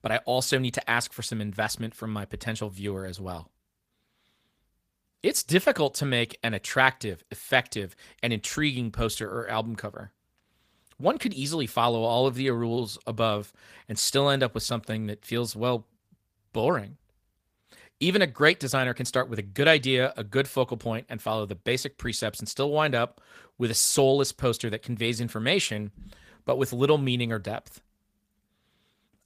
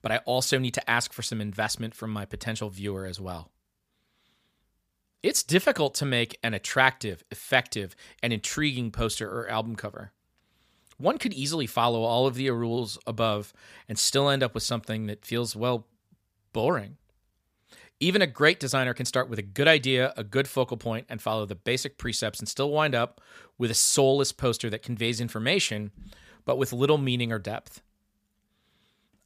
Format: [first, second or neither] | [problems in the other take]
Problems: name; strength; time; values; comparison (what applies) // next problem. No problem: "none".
second | garbled, watery; slightly; nothing above 15 kHz